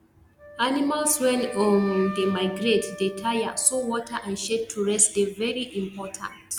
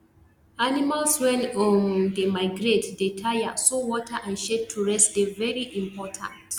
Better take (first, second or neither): second